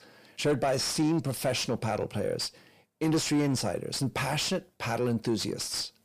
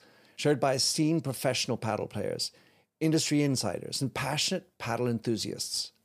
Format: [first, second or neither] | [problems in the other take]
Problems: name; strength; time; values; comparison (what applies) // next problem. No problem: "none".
second | distortion; slight; 9 dB below the speech